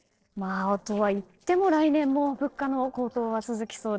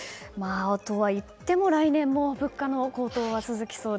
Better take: second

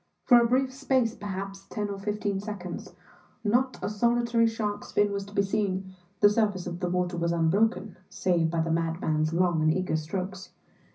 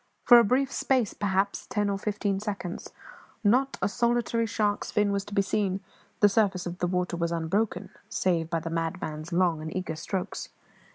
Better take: second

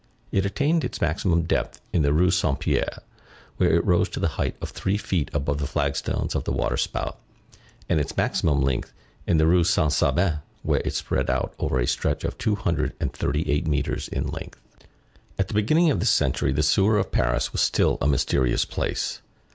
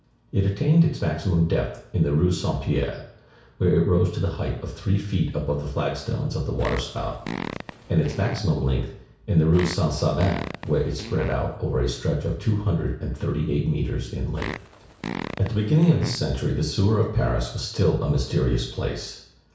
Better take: first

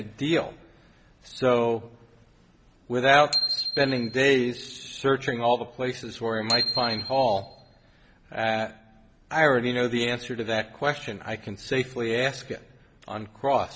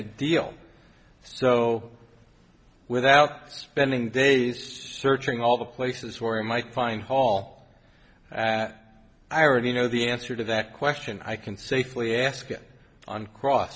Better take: second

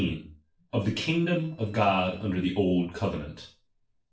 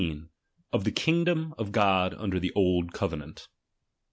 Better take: second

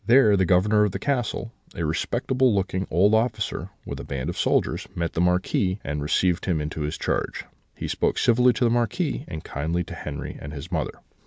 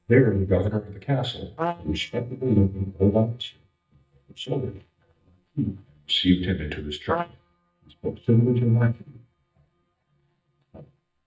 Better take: first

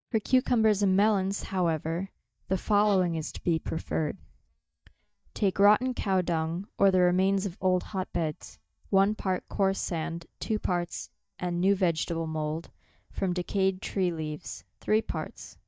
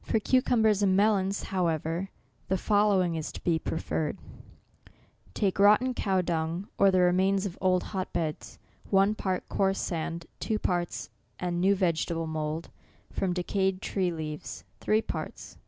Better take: second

